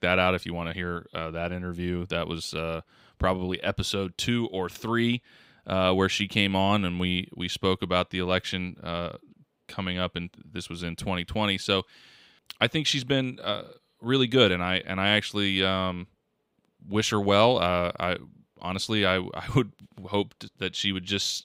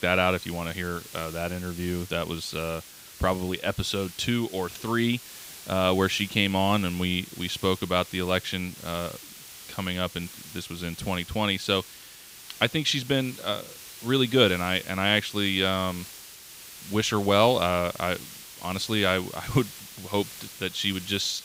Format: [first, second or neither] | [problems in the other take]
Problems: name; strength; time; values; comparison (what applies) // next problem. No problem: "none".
first | hiss; noticeable; throughout; 15 dB below the speech